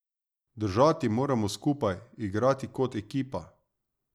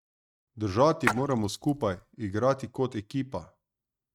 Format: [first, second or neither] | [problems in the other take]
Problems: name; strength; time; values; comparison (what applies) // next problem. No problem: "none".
first | noise reduction (neural mask model RNNoise)